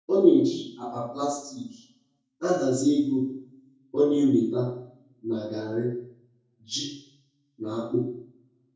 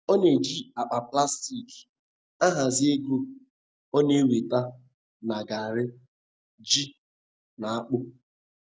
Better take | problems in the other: second | room echo; dies away in 0.6 s

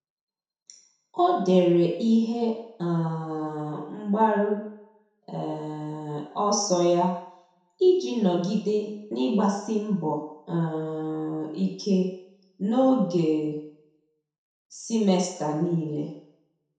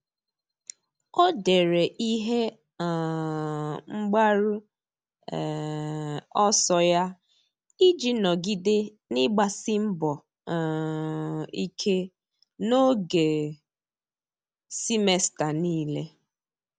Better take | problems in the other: second | room echo; dies away in 0.7 s

